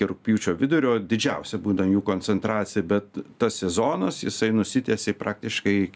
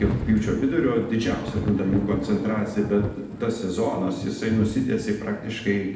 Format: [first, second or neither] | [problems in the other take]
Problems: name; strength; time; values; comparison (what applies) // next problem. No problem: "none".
first | background sound (Thunder / Rain); 7 dB below the speech // room echo; dies away in 0.8 s